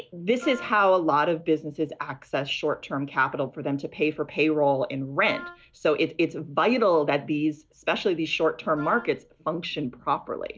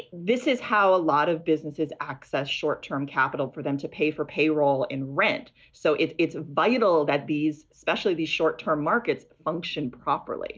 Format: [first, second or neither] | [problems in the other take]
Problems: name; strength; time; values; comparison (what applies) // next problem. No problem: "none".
second | background sound (Wind instrument, woodwind instrument); 17 dB below the speech